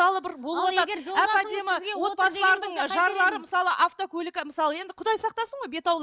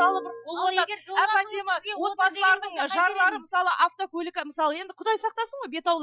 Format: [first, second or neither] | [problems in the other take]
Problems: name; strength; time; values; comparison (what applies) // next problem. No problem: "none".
first | noise reduction (classical method Wiener filter)